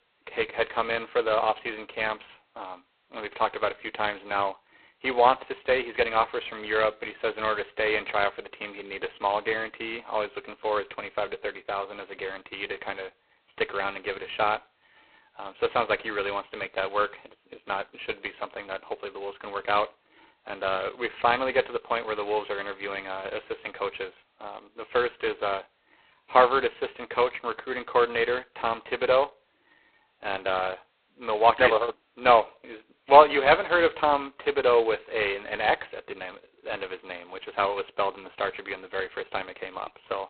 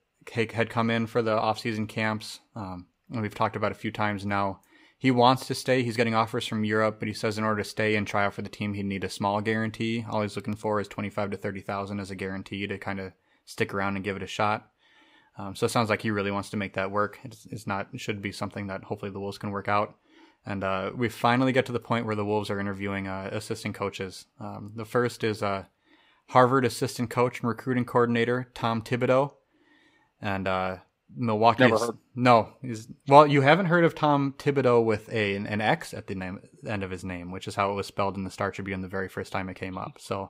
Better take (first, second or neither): second